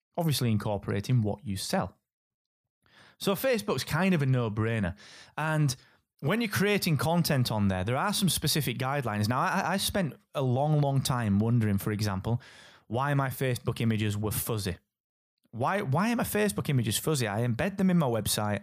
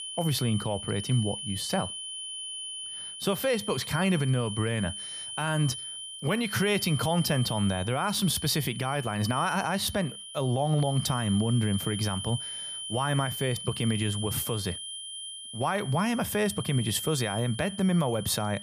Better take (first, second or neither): first